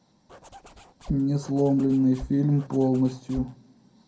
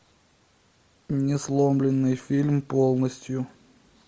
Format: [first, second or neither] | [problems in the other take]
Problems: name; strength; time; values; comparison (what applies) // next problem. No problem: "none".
second | background sound (Zipper (clothing)); 17 dB below the speech // room echo; dies away in 0.2 s